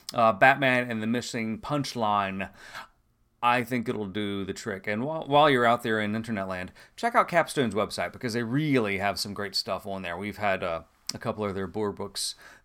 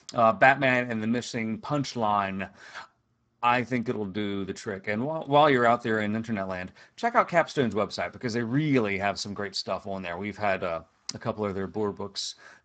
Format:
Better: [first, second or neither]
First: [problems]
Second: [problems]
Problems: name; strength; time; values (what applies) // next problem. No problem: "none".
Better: first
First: none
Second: garbled, watery; badly; nothing above 7.5 kHz